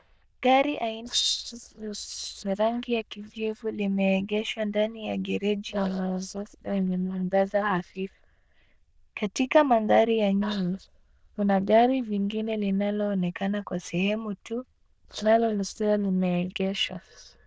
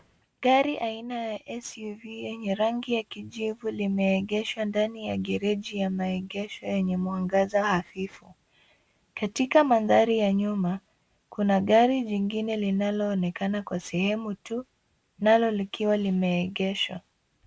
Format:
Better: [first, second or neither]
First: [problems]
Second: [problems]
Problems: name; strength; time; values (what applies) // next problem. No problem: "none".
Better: second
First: noise reduction (neural diffusion model UNIVERSE++)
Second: none